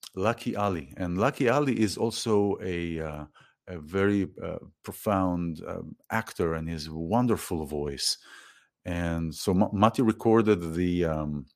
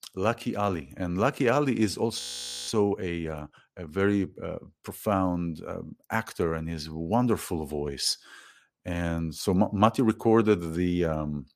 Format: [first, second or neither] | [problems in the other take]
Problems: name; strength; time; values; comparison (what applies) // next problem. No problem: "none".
first | audio freezing; at 2 s